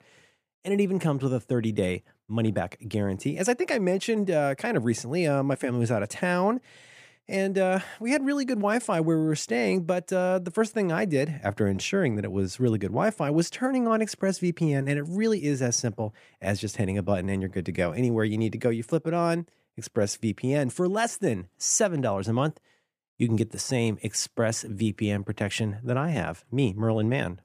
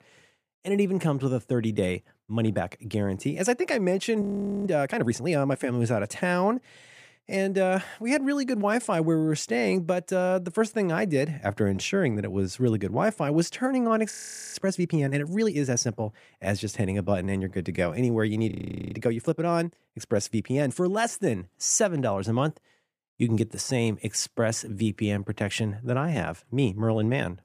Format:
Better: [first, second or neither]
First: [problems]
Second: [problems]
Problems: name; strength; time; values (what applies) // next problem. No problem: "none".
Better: first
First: none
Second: audio freezing; at 4 s, at 14 s and at 19 s